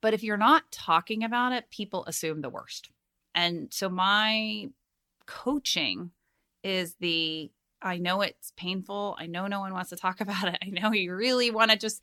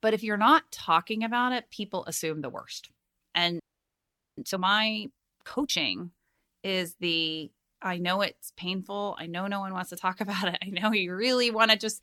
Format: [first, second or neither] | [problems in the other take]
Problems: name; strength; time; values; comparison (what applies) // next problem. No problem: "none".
first | audio freezing; at 3.5 s for 1 s